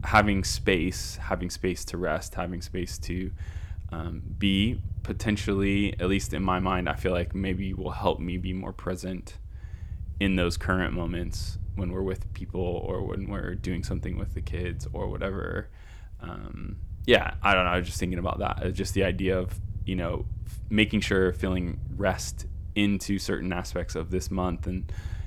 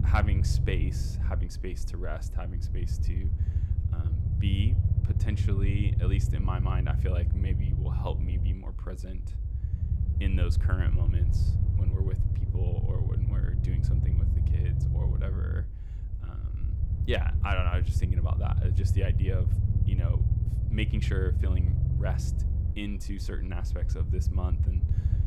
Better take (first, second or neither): first